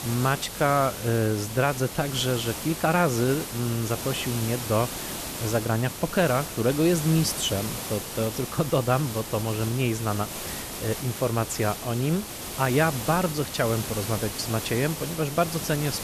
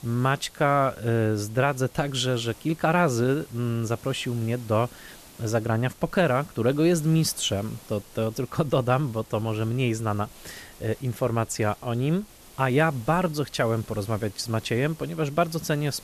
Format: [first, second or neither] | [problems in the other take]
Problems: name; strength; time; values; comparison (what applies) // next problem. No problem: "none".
second | hiss; loud; throughout; 7 dB below the speech; faint in the second